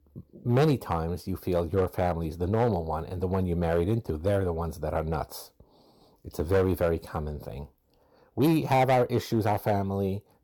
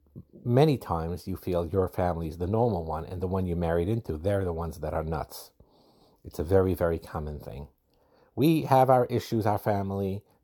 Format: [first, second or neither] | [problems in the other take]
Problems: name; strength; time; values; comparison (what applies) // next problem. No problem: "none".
second | distortion; slight; 3% of the sound clipped